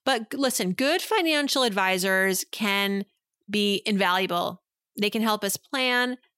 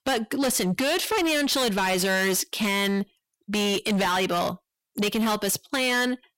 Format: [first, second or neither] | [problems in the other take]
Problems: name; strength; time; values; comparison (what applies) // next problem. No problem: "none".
first | distortion; heavy; 7 dB below the speech